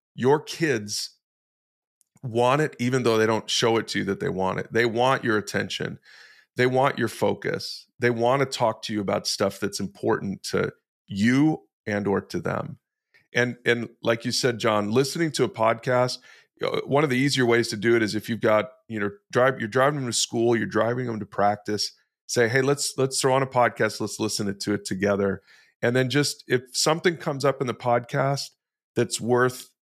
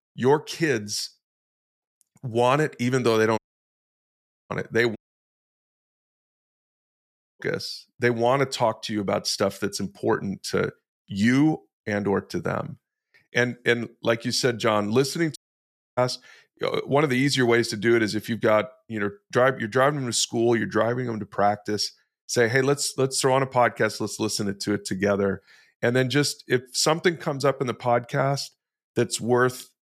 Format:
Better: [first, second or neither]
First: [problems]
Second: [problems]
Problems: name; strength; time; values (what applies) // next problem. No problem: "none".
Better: first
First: none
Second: audio cutting out; at 3.5 s for 1 s, at 5 s for 2.5 s and at 15 s for 0.5 s